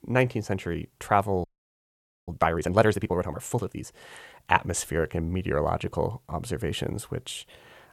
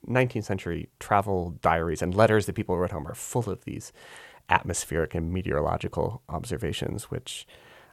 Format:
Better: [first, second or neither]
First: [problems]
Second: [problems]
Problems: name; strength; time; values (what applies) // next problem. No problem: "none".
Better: second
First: audio freezing; at 1.5 s for 1 s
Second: none